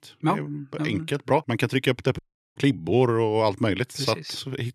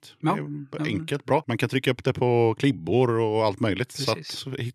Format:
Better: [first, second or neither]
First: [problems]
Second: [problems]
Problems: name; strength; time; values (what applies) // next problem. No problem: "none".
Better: second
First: audio cutting out; at 2 s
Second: none